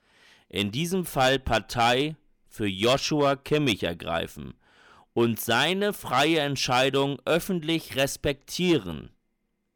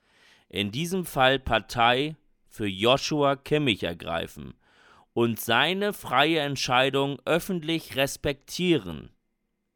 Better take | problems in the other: second | distortion; slight; 3% of the sound clipped

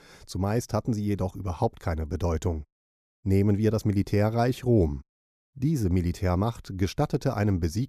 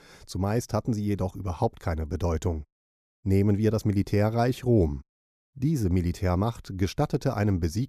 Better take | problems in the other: neither | none

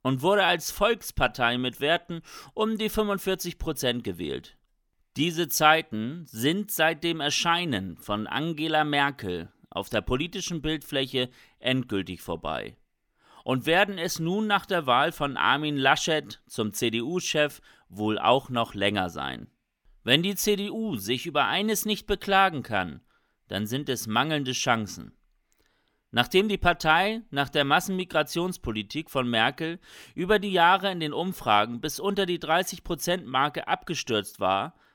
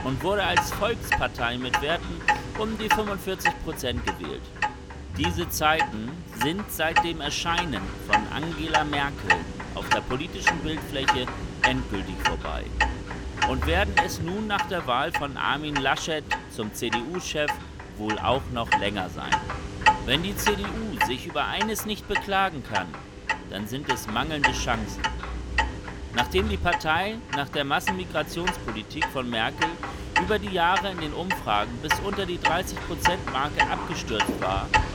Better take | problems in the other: first | household noises; very loud; throughout; as loud as the speech

